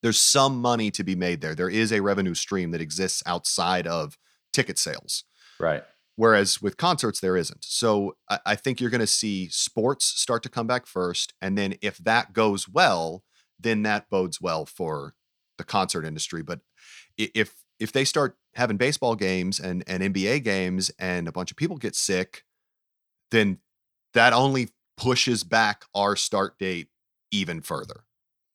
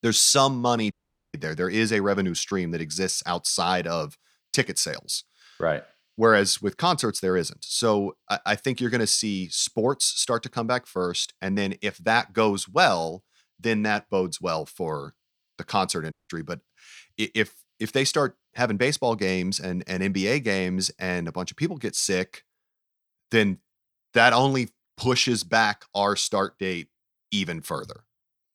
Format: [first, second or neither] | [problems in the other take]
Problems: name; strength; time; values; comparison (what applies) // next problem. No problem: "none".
first | audio cutting out; at 1 s and at 16 s